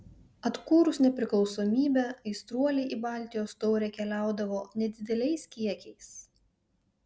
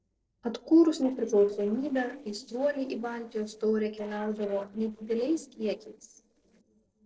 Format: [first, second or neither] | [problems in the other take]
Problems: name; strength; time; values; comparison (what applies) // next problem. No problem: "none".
first | noise reduction (neural separator model SepFormer DNS4)